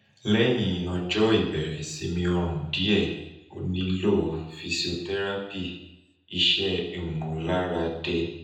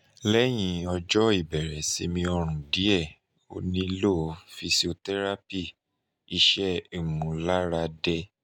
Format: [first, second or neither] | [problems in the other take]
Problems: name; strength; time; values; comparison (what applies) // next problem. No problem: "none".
second | room echo; dies away in 0.9 s